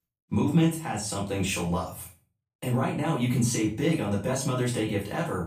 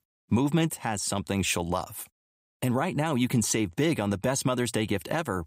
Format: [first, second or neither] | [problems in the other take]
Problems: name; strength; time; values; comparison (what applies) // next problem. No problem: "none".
second | off-mic speech; far // room echo; slight; dies away in 0.4 s